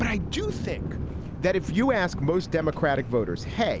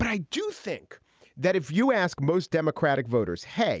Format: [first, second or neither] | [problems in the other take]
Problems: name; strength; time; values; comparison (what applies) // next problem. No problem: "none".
second | background sound (Thunder); 7 dB below the speech